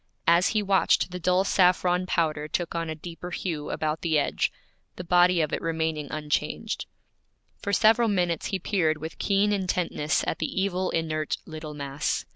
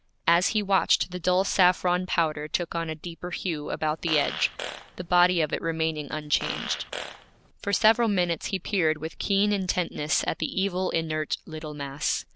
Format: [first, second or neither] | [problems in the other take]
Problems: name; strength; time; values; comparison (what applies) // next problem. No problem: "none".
first | background sound (Fart); 10 dB below the speech